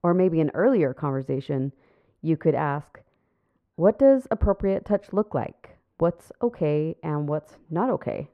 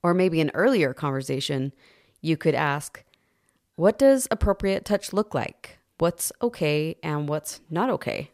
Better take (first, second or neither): second